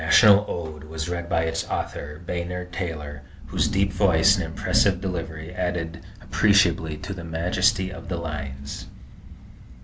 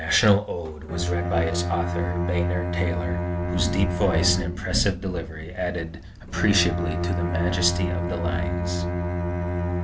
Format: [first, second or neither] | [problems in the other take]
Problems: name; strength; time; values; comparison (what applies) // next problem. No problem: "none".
first | background sound (Bowed string instrument); 1 dB below the speech